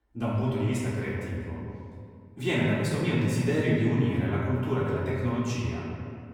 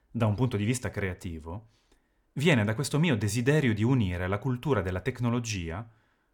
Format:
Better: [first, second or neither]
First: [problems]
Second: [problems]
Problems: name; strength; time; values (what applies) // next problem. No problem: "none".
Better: second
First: off-mic speech; far // room echo; strong; dies away in 2.2 s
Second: none